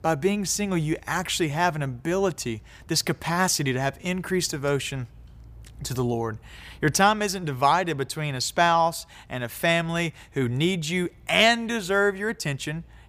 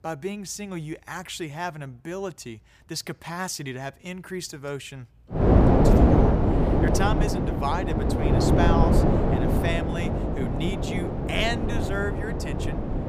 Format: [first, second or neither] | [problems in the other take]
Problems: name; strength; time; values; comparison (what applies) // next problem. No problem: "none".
first | wind noise on the microphone; heavy; from 5.5 s on; 4 dB above the speech